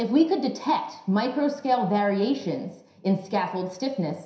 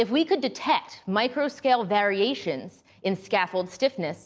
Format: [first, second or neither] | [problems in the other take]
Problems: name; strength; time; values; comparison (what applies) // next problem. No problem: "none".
second | room echo; dies away in 0.7 s